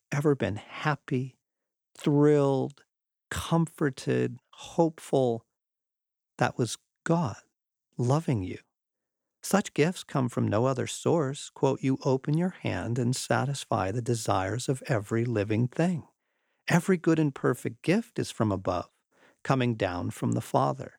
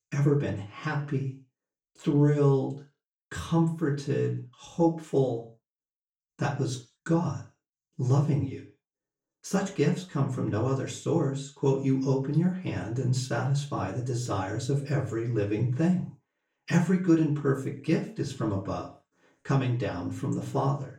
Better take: first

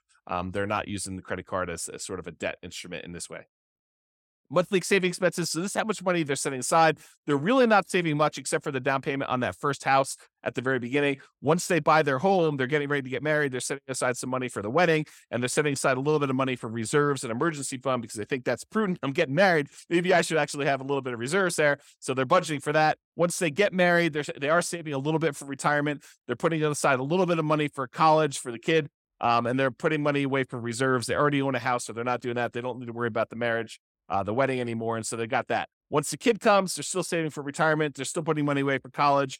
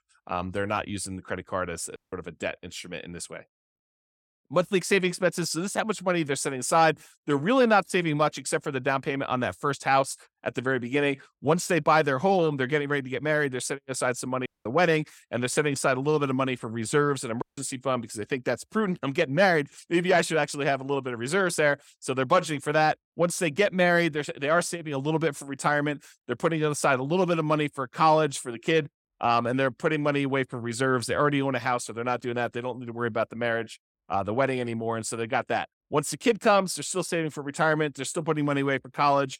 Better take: first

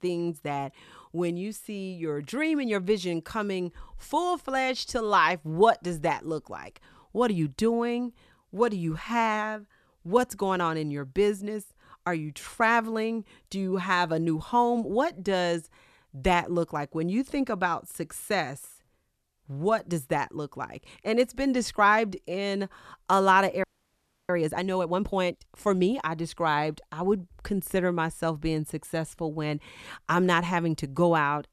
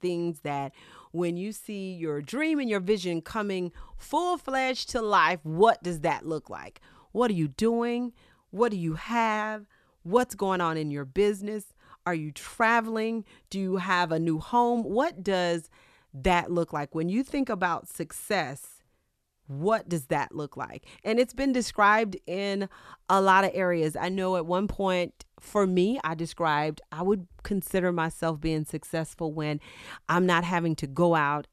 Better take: second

